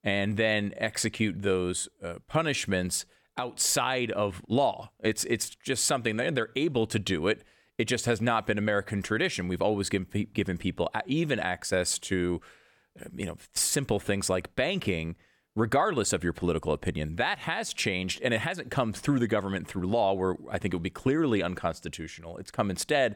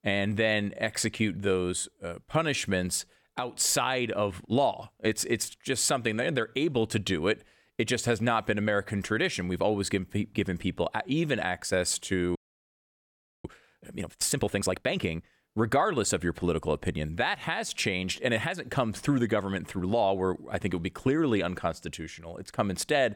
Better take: first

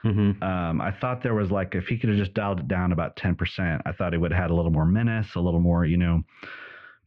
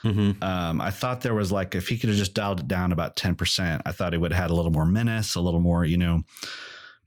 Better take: second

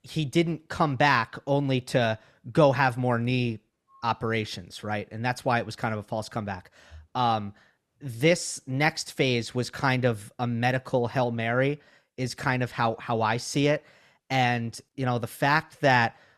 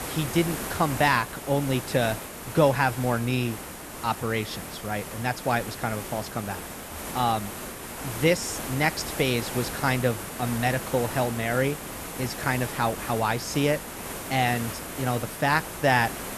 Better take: first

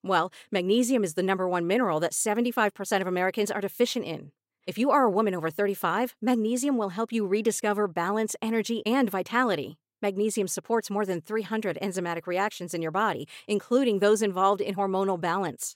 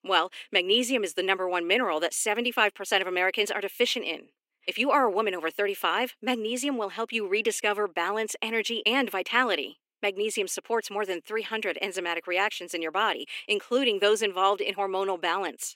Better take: first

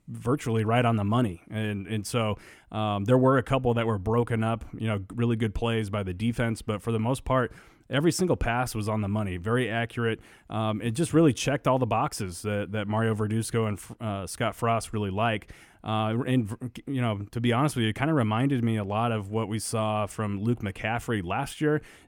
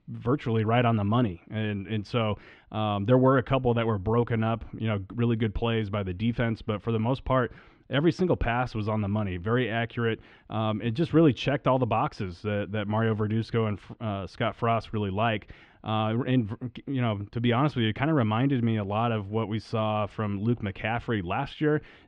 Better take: first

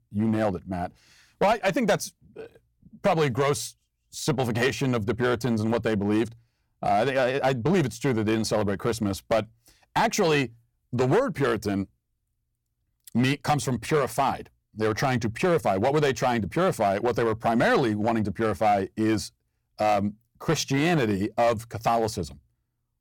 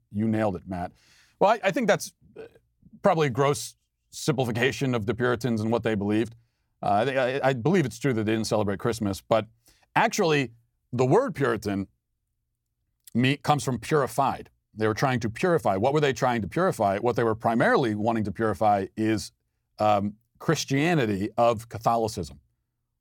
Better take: second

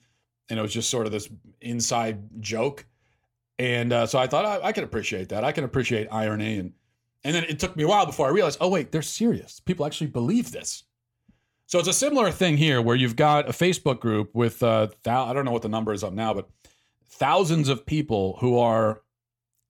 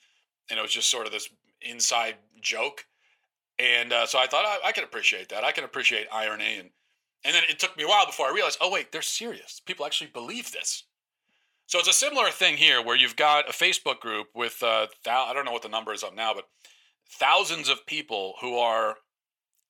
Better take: first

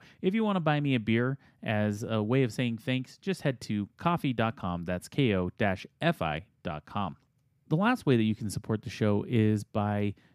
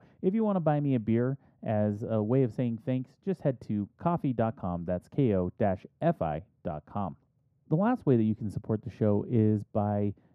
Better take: first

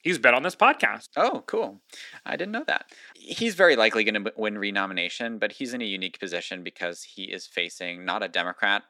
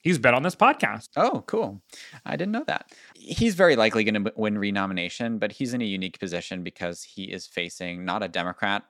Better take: second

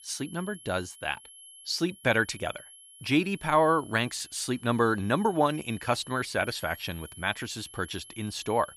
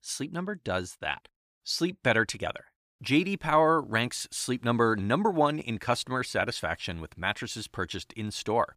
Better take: second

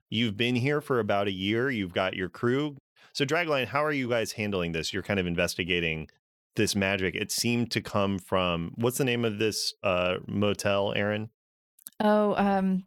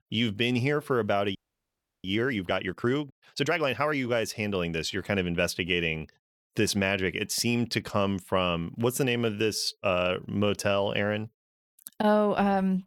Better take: first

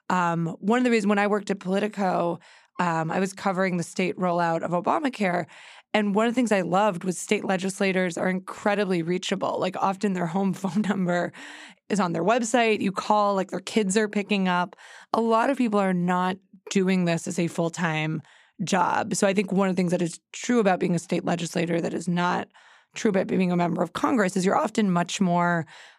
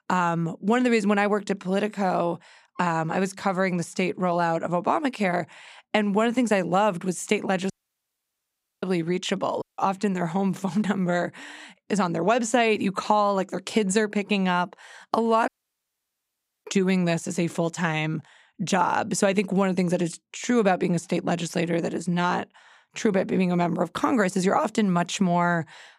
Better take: first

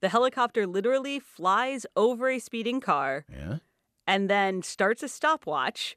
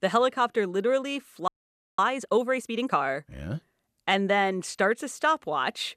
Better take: first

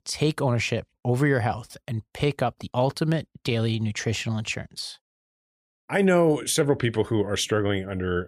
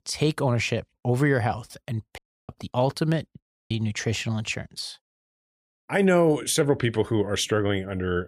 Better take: first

